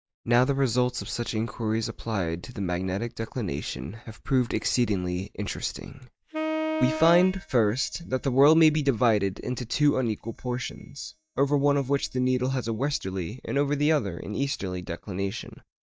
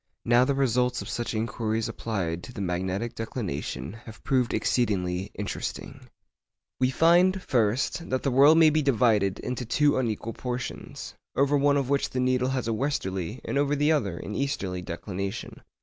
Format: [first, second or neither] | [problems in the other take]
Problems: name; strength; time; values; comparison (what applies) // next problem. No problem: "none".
second | noise reduction (neural mask model DeepFilterNet 3)